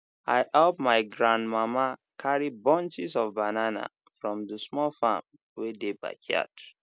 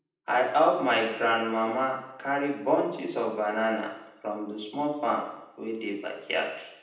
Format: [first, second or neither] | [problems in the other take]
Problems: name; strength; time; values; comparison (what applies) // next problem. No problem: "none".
first | room echo; dies away in 0.8 s